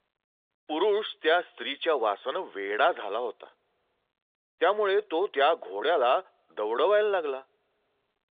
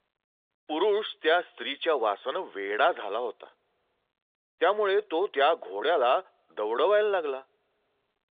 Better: neither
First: phone-call audio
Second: phone-call audio

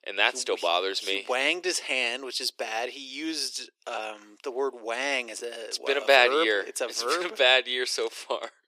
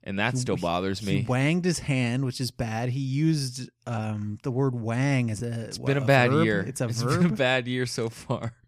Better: second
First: thin; very; fading below 350 Hz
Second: none

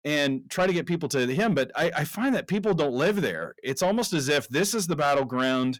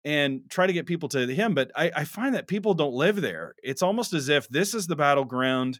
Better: second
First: distortion; slight; 10 dB below the speech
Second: none

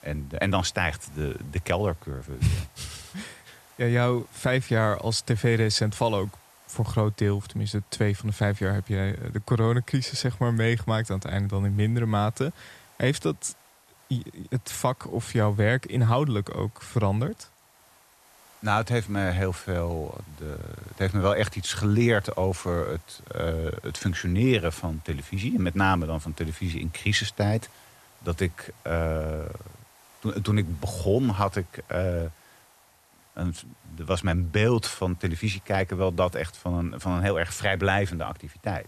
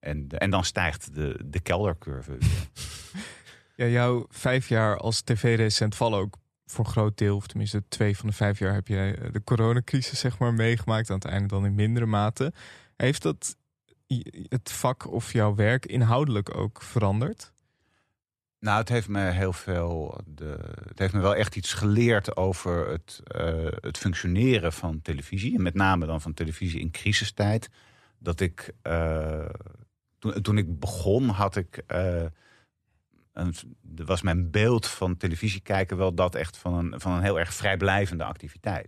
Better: second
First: hiss; faint; throughout; 25 dB below the speech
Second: none

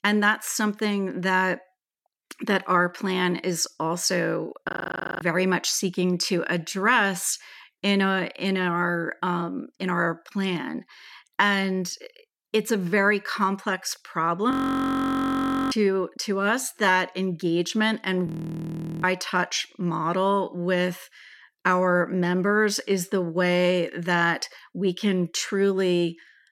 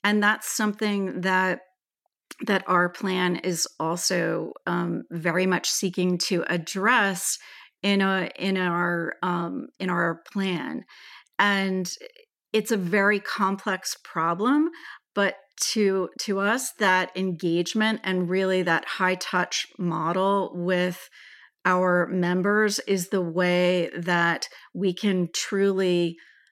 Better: second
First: audio freezing; at 4.5 s for 0.5 s, at 15 s for 1 s and at 18 s for 1 s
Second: none

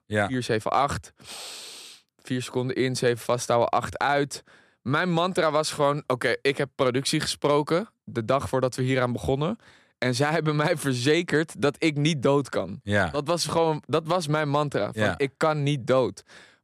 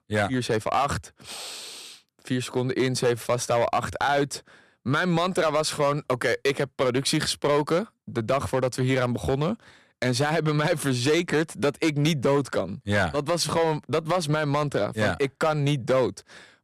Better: first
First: none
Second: distortion; slight; 5% of the sound clipped

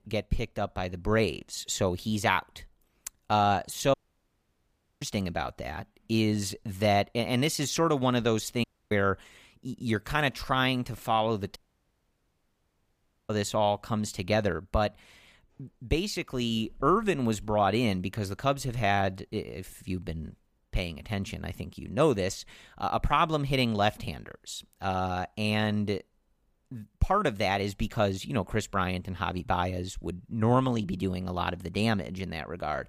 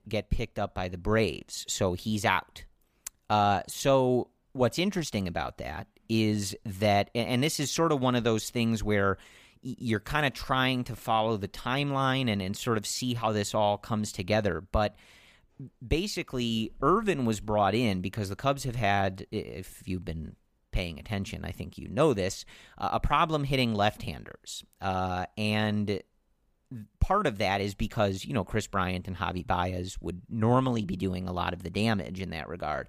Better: second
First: audio cutting out; at 4 s for 1 s, at 8.5 s and at 12 s for 1.5 s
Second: none

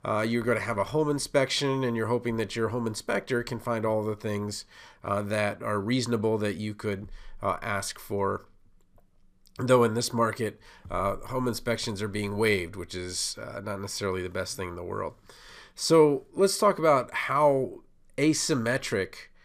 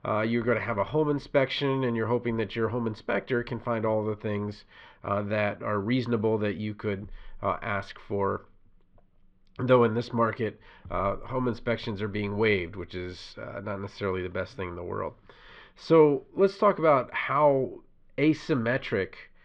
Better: first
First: none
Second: muffled; slightly; fading above 3 kHz

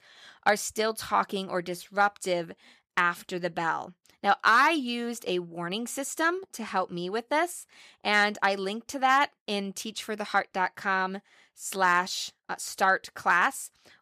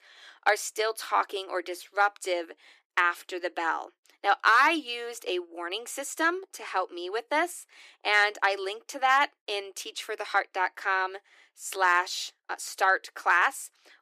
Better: first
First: none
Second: thin; very; fading below 300 Hz

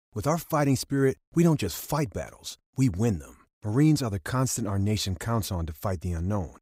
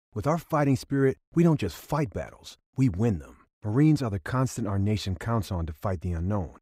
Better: first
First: none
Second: muffled; slightly; fading above 4 kHz

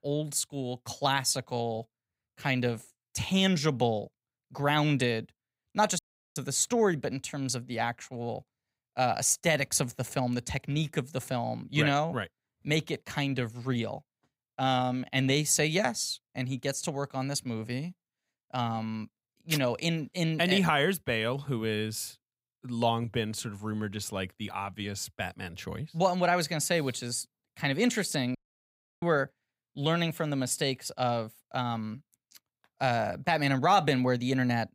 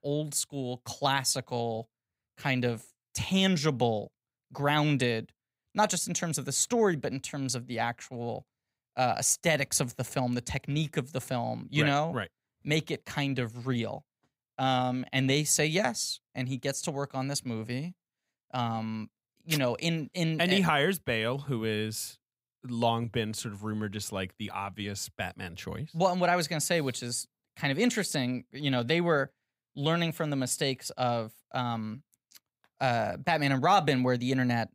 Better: second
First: audio cutting out; at 6 s and at 28 s for 0.5 s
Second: none

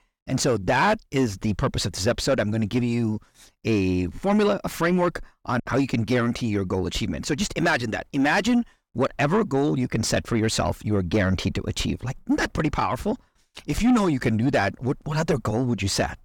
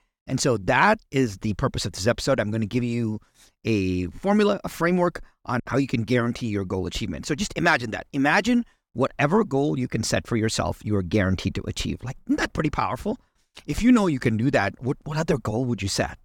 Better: second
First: distortion; slight; 10 dB below the speech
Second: none

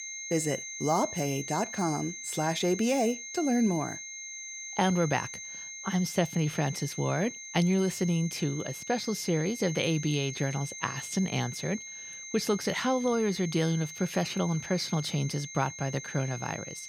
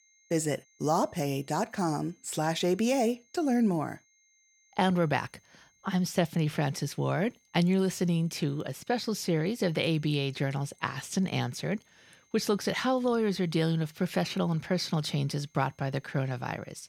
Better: second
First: high-pitched whine; loud; throughout; 6.5 kHz, 9 dB below the speech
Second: high-pitched whine; faint; throughout; 6.5 kHz, 35 dB below the speech

